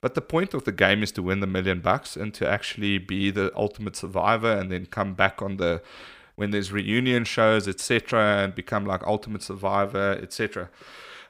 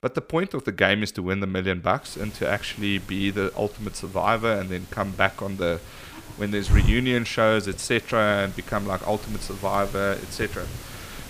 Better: first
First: none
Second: hiss; loud; from 2 s on; 9 dB below the speech

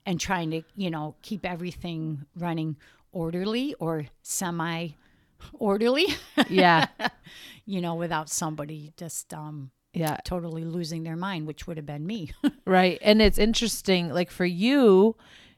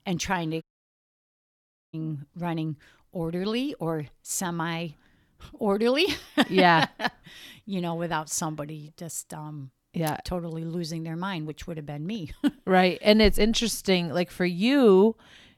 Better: first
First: none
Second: audio cutting out; at 0.5 s for 1.5 s

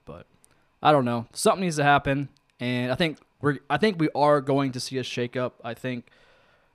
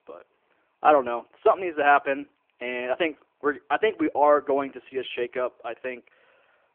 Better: first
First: none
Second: phone-call audio; nothing above 3 kHz

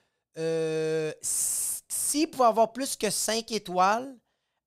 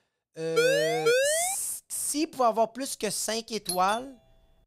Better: first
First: none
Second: siren; loud; at 0.5 s; peak 5 dB above the speech // doorbell; noticeable; at 3.5 s; peak 5 dB below the speech

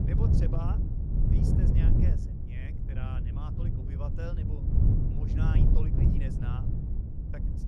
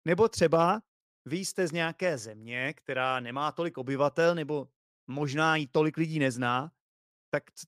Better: second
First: wind noise on the microphone; heavy; 4 dB above the speech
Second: none

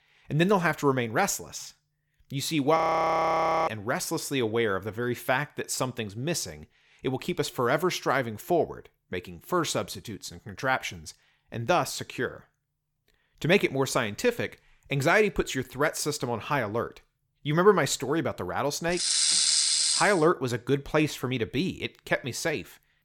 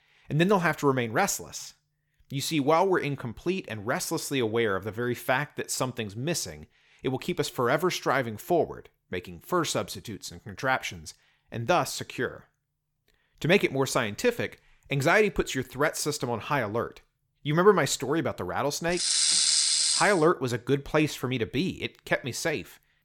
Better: second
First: audio freezing; at 3 s for 1 s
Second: none

